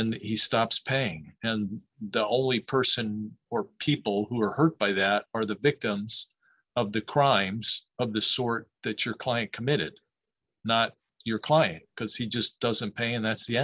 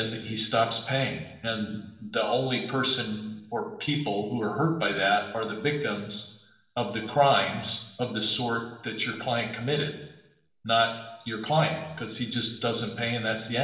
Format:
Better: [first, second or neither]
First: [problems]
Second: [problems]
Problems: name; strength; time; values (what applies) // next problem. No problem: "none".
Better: first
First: none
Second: room echo; dies away in 0.8 s